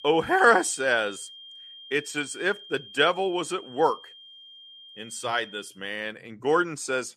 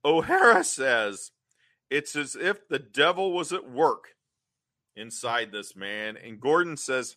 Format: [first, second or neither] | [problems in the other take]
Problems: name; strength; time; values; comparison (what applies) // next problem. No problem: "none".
second | high-pitched whine; noticeable; until 5.5 s; 3 kHz, 20 dB below the speech